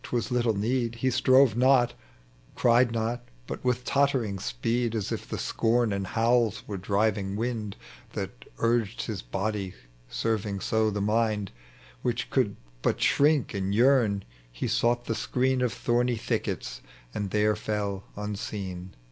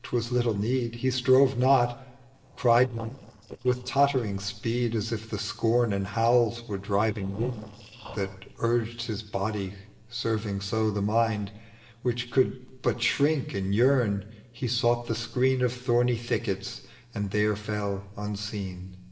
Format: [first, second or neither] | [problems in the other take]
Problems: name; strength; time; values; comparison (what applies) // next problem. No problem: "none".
first | noise reduction (neural separator model SepFormer DNS4)